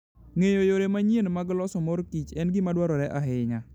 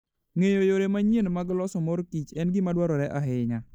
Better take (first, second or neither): first